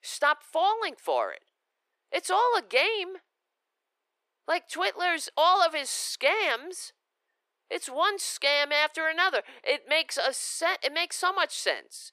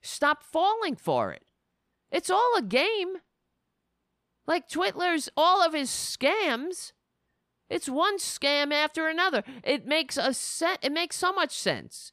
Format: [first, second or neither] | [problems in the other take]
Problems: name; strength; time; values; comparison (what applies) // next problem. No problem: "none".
second | thin; very; fading below 400 Hz